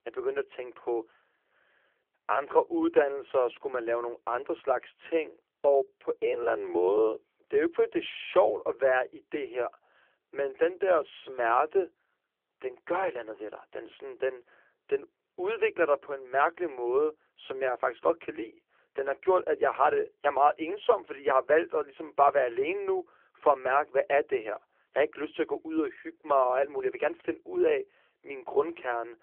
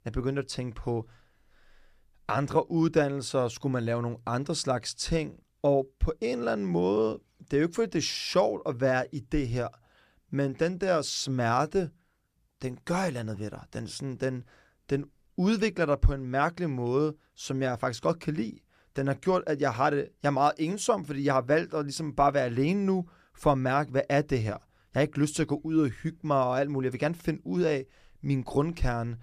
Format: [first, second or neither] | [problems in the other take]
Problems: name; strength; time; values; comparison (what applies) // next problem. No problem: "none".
second | phone-call audio; nothing above 3.5 kHz